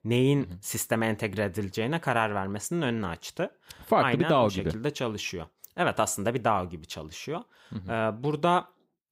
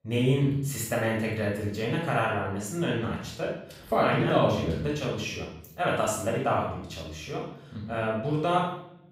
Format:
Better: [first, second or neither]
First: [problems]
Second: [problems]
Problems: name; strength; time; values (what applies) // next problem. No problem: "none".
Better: first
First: none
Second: off-mic speech; far // room echo; noticeable; dies away in 0.6 s